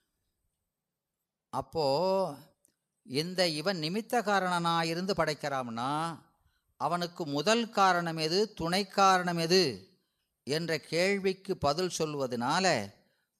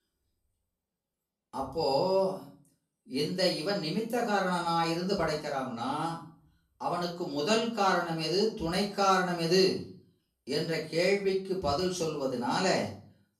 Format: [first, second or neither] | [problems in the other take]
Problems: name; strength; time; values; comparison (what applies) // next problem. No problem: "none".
first | off-mic speech; far // room echo; slight; dies away in 0.4 s